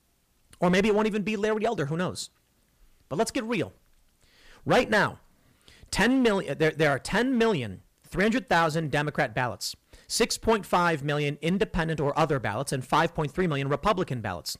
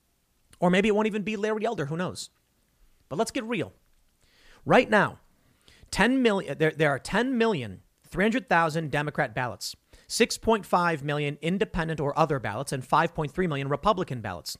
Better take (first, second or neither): second